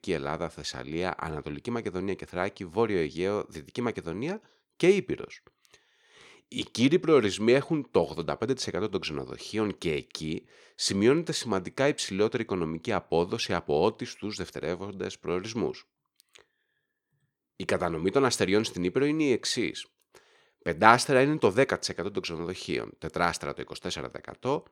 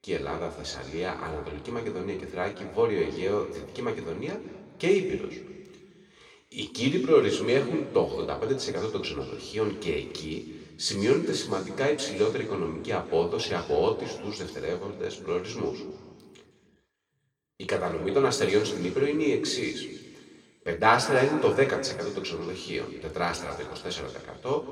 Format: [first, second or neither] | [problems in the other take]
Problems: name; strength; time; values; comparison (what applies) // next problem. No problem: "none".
first | room echo; slight; dies away in 1.7 s // off-mic speech; somewhat distant